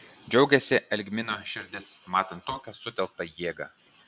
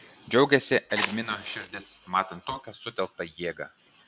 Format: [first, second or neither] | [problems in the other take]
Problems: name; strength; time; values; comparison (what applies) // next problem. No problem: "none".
first | background sound (Fire); 7 dB below the speech